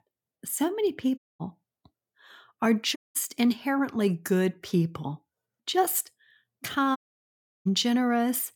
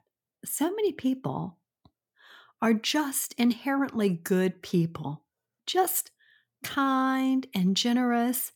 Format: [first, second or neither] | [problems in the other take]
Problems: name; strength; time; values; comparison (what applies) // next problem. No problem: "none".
second | audio cutting out; at 1 s, at 3 s and at 7 s for 0.5 s